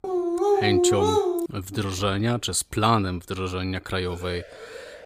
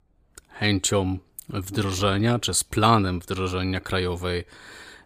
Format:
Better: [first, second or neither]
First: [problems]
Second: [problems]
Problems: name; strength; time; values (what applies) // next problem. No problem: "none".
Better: second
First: dog barking; loud; until 1.5 s; peak 5 dB above the speech // siren; faint; from 4 s on; peak 15 dB below the speech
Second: none